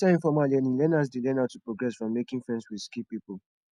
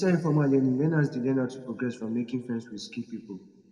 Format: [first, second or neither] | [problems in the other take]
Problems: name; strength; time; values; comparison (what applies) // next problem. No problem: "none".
first | room echo; dies away in 1.7 s